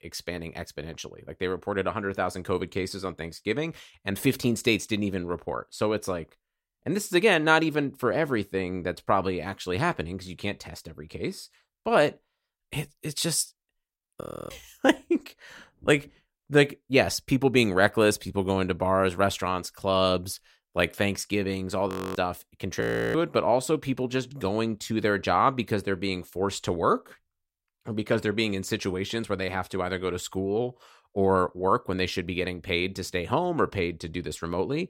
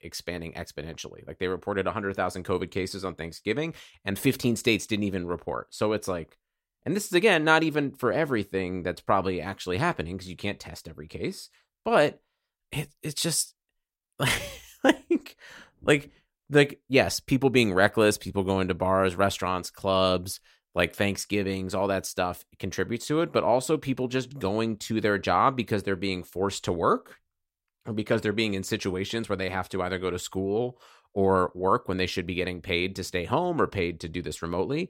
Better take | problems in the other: second | audio freezing; at 14 s, at 22 s and at 23 s

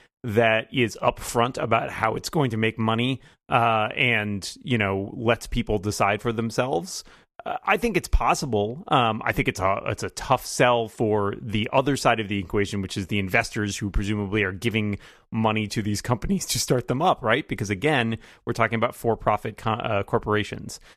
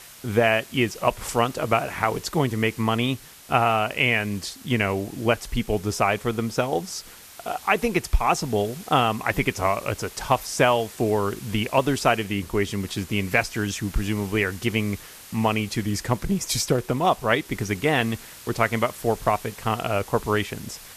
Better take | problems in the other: first | hiss; noticeable; throughout; 20 dB below the speech

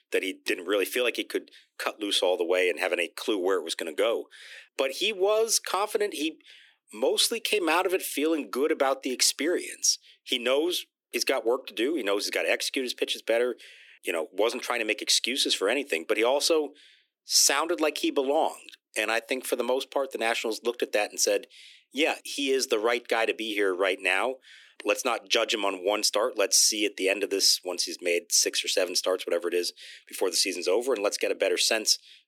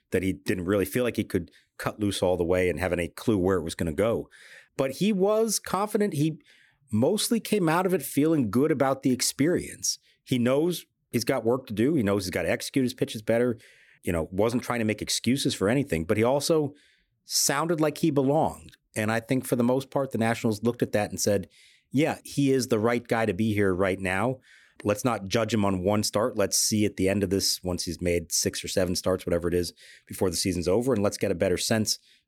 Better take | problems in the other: second | thin; somewhat; fading below 300 Hz

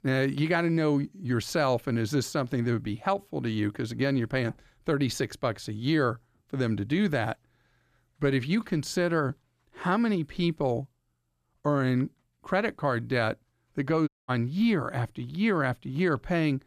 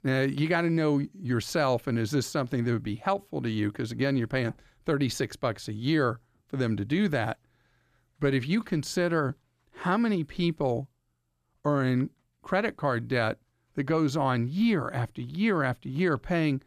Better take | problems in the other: second | audio cutting out; at 14 s

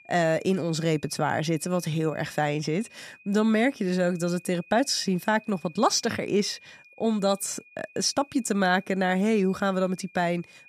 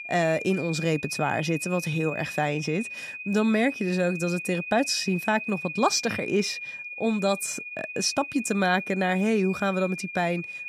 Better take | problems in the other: first | high-pitched whine; loud; throughout; 2.5 kHz, 8 dB below the speech; faint in the first

